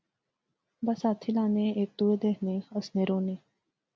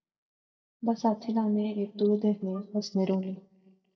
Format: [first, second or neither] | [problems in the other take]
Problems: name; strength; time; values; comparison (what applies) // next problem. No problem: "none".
first | noise reduction (neural mask model DeepFilterNet 3)